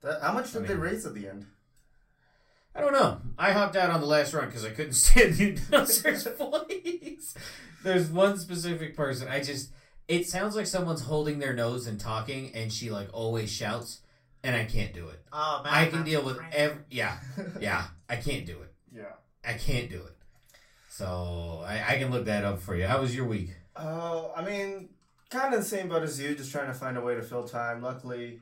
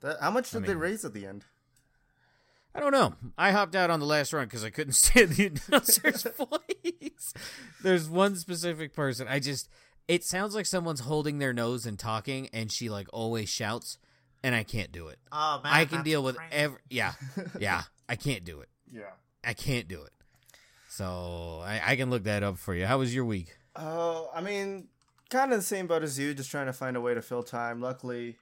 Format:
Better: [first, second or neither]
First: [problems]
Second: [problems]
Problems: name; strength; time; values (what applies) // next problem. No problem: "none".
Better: second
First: off-mic speech; far // room echo; very slight; dies away in 0.2 s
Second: none